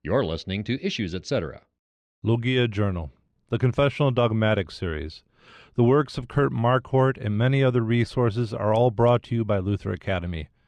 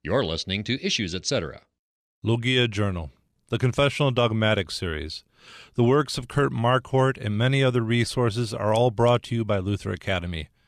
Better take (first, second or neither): second